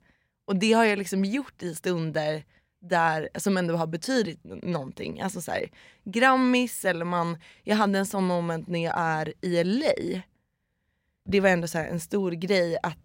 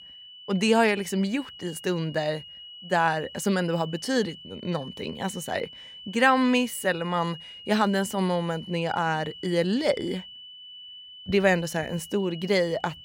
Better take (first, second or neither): first